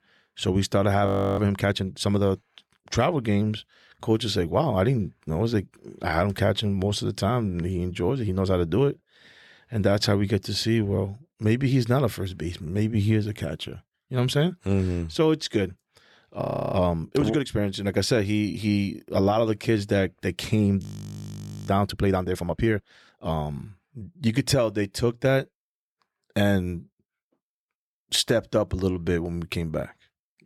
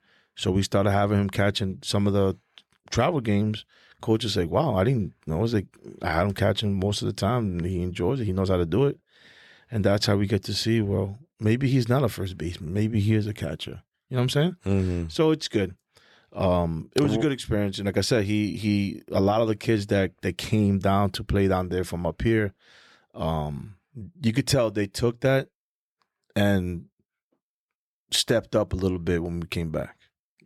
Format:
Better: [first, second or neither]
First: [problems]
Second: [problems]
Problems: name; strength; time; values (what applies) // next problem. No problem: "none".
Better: second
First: audio freezing; at 1 s, at 16 s and at 21 s for 1 s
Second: none